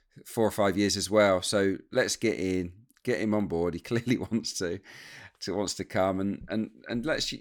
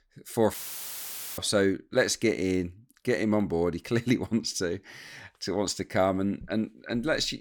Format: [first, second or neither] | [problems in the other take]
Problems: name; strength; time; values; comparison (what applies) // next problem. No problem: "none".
first | audio cutting out; filled with static; at 0.5 s for 1 s